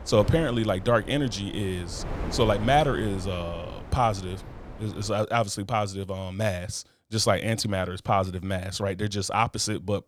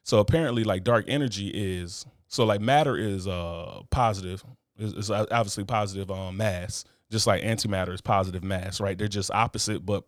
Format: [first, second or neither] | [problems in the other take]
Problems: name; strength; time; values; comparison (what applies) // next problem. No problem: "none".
second | wind noise on the microphone; occasional gusts; until 5 s; 15 dB below the speech